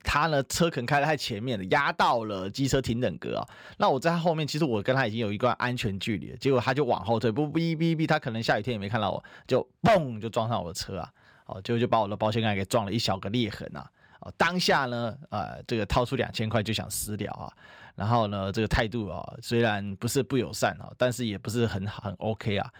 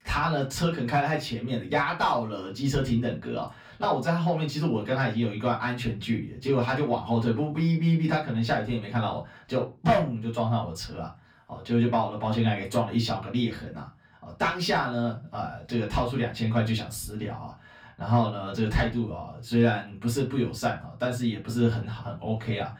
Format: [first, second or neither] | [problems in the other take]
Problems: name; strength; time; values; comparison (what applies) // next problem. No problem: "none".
first | off-mic speech; far // room echo; very slight; dies away in 0.2 s